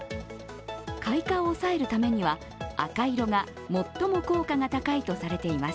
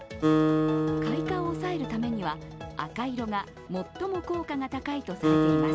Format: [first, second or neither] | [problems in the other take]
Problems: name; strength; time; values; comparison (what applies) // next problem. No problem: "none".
first | background sound (Acoustic guitar); 4 dB above the speech